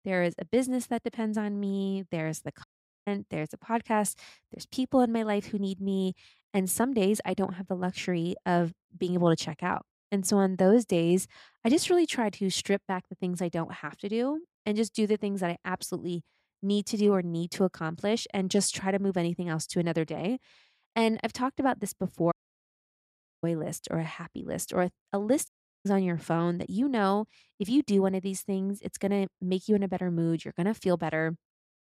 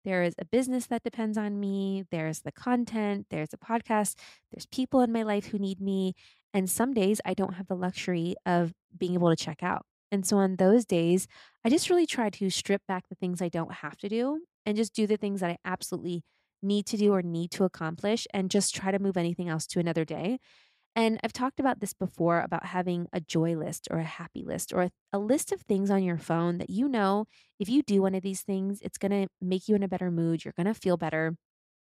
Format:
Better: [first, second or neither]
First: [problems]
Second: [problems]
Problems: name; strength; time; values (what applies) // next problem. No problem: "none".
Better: second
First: audio cutting out; at 2.5 s, at 22 s for 1 s and at 25 s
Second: none